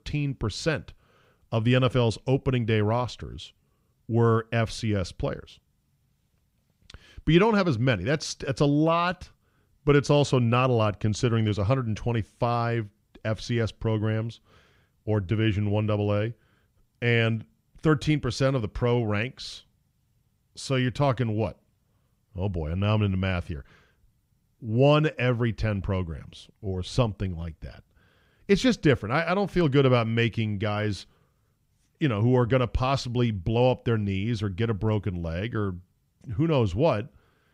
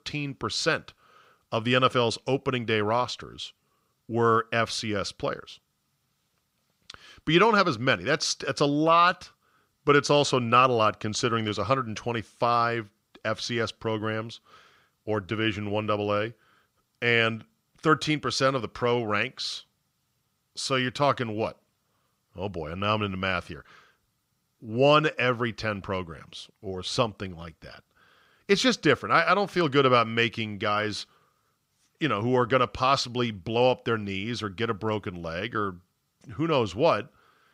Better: first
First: none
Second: thin; somewhat; fading below 400 Hz

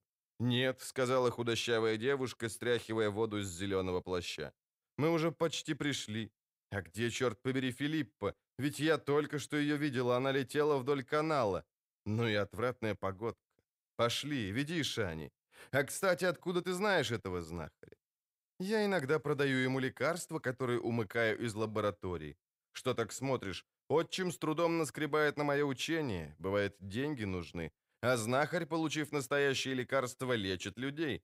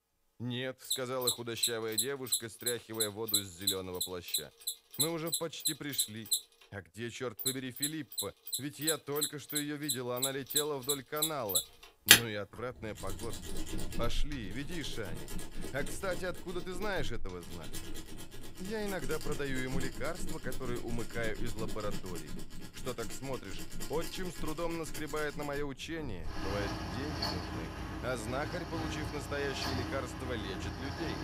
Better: first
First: none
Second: machinery noise; very loud; throughout; 5 dB above the speech

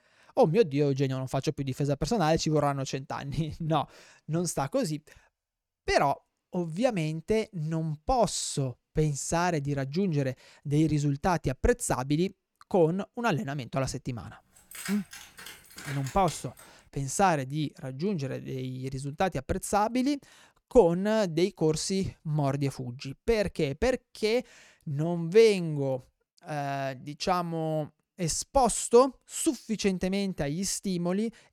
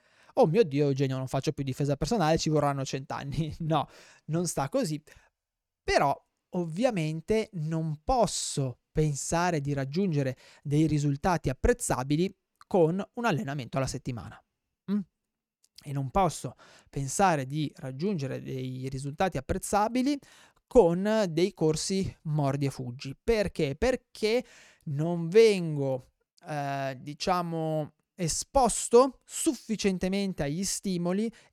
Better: second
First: jangling keys; faint; from 15 to 17 s; peak 10 dB below the speech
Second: none

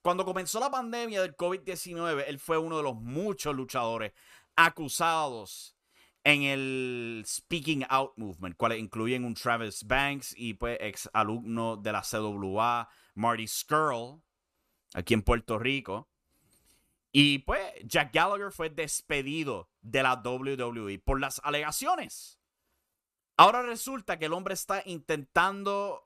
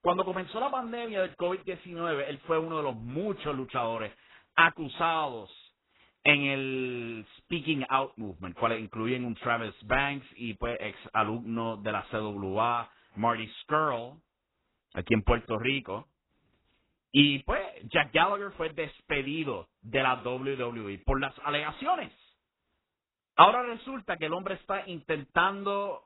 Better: first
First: none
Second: garbled, watery; badly; nothing above 3.5 kHz

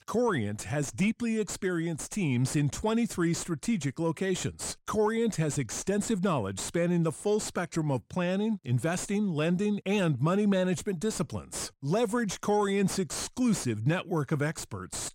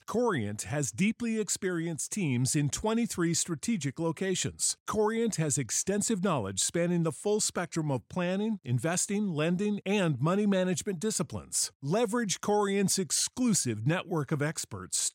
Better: second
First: distortion; slight; 10 dB below the speech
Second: none

